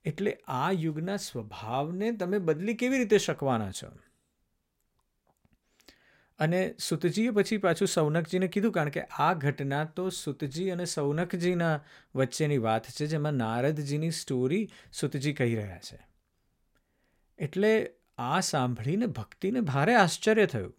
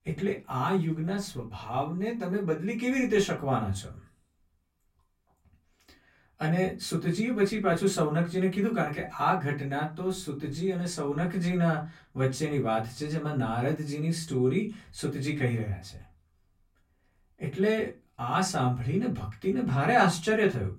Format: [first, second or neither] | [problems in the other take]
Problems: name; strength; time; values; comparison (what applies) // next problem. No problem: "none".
first | off-mic speech; far // room echo; very slight; dies away in 0.2 s